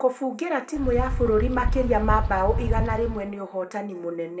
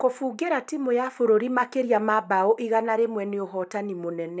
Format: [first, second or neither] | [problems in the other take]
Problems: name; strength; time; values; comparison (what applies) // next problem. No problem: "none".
second | background sound (Wind); as loud as the speech // room echo; dies away in 1.4 s